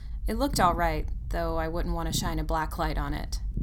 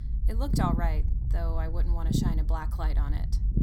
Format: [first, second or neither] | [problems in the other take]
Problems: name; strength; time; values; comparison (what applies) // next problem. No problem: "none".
first | low rumble; loud; throughout; 5 dB below the speech; faint in the first